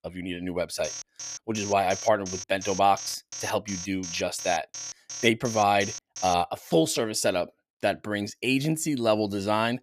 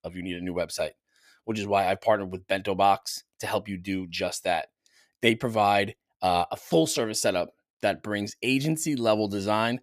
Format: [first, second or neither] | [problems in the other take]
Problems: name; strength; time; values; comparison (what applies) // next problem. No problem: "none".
second | alarm; noticeable; from 1 to 6.5 s; peak 9 dB below the speech